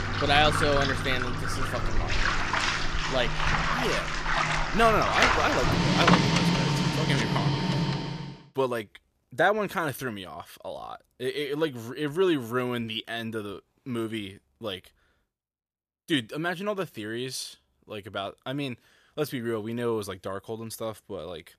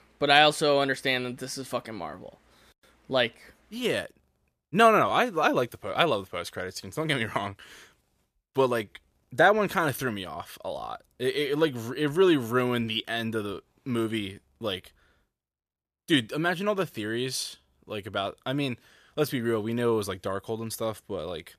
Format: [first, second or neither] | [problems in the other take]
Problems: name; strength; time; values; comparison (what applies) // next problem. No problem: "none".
second | household noises; very loud; until 8 s; 4 dB above the speech